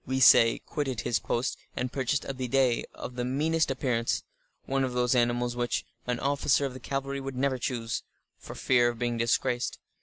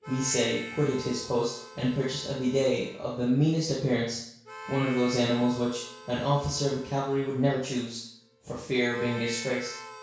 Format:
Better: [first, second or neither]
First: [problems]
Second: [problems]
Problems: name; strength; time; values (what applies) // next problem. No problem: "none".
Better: first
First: none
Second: background sound (Harmonica); 16 dB below the speech // room echo; dies away in 0.6 s